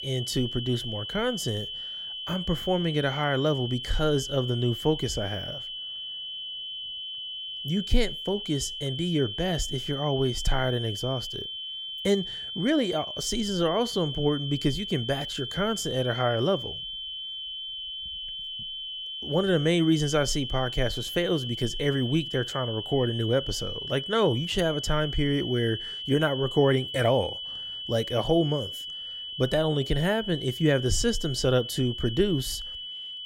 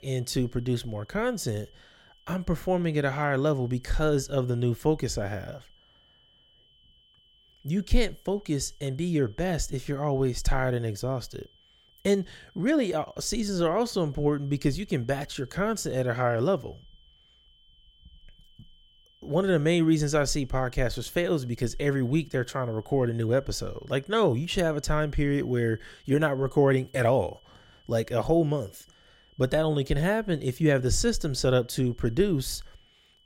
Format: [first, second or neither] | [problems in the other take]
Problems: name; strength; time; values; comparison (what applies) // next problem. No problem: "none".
second | high-pitched whine; loud; throughout; 3 kHz, 6 dB below the speech; faint in the second